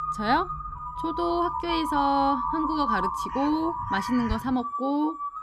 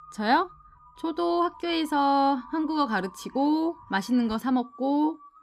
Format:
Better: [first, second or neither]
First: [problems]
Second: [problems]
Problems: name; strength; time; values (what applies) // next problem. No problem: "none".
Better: second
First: animal sounds; loud; throughout; 3 dB below the speech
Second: animal sounds; faint; throughout; 25 dB below the speech